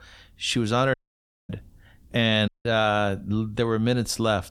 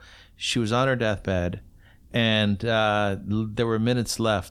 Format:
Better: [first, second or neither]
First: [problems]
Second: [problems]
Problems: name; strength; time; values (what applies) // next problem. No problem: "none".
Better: second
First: audio cutting out; at 1 s for 0.5 s and at 2.5 s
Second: none